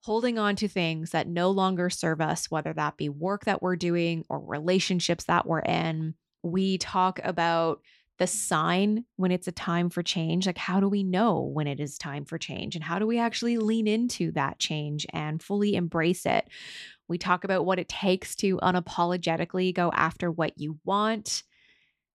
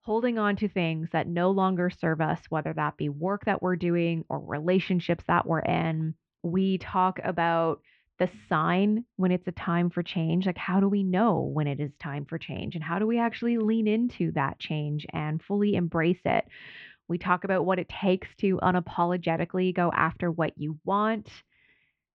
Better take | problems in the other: first | muffled; very; fading above 2.5 kHz

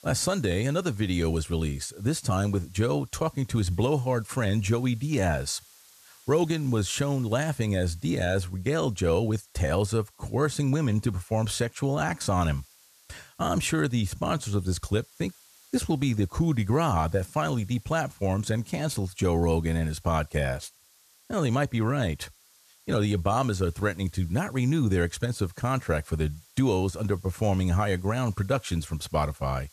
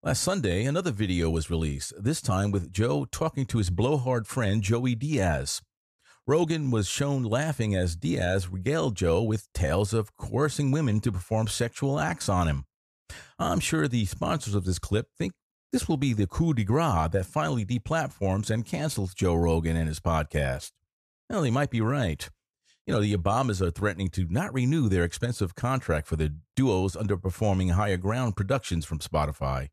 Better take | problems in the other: second | hiss; faint; throughout; 25 dB below the speech

